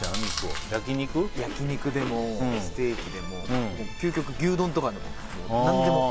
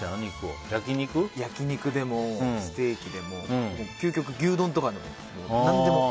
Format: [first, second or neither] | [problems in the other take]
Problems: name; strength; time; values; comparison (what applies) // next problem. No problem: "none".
second | background sound (Chewing, mastication); 6 dB below the speech